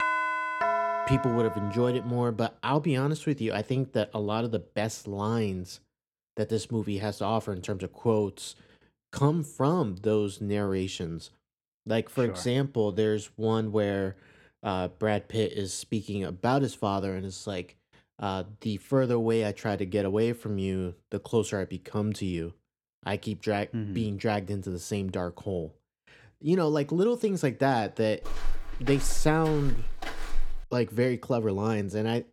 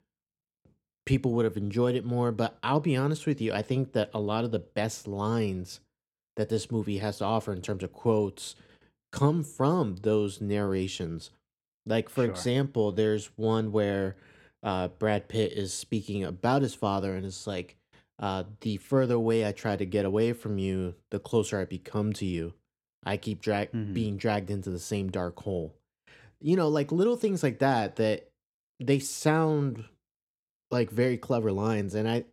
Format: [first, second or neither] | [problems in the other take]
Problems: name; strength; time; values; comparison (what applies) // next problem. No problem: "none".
second | doorbell; loud; until 2 s; peak 2 dB above the speech // footsteps; noticeable; from 28 to 31 s; peak 8 dB below the speech